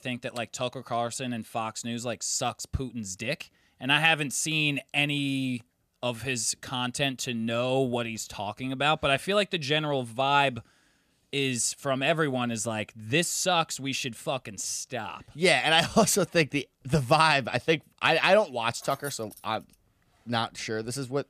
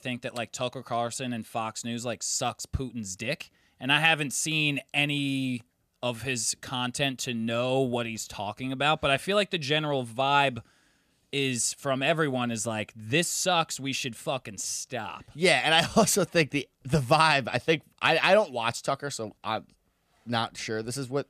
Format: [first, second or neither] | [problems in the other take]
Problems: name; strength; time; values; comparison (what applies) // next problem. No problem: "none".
second | jangling keys; faint; at 19 s; peak 15 dB below the speech